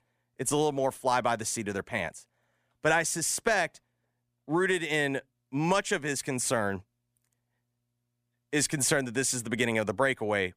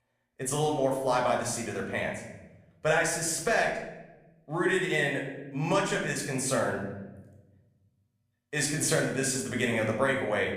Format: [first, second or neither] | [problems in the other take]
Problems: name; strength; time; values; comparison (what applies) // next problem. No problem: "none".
first | room echo; noticeable; dies away in 0.9 s // off-mic speech; somewhat distant